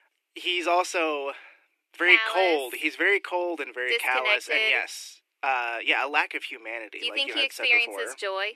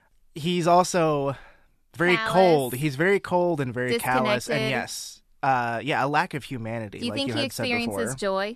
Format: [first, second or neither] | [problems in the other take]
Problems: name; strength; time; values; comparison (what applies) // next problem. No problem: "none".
second | thin; very; fading below 300 Hz